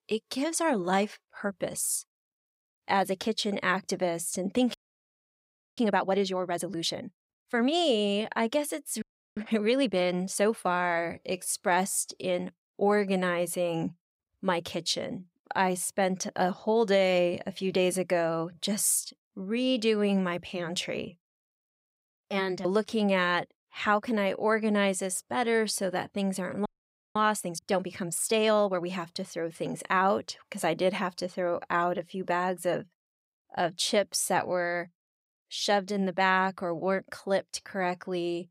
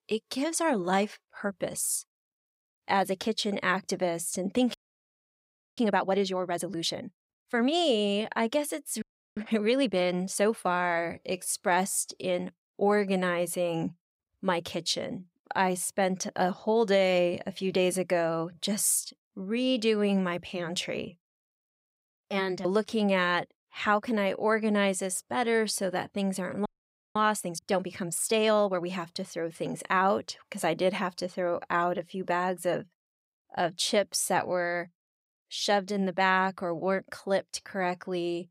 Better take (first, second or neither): neither